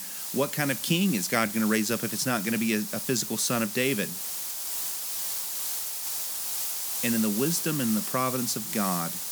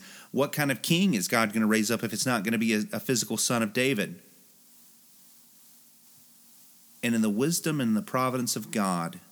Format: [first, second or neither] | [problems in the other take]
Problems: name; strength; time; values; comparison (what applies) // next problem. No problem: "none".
second | hiss; loud; throughout; 3 dB below the speech; faint in the second